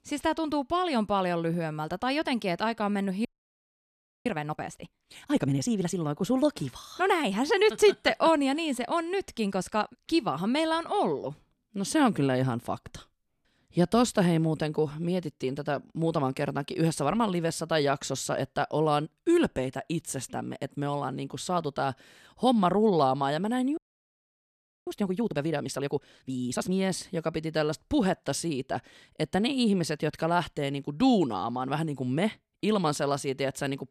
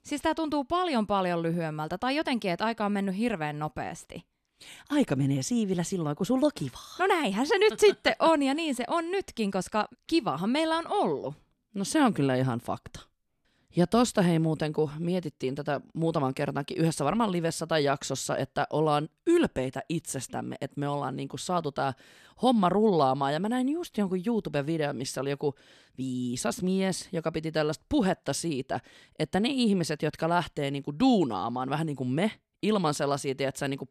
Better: second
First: audio freezing; at 3.5 s for 1 s and at 24 s for 1 s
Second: none

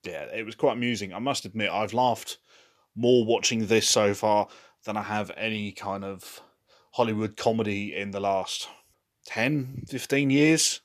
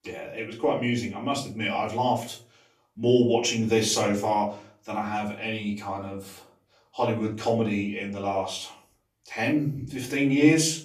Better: first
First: none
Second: room echo; slight; dies away in 0.4 s // off-mic speech; far

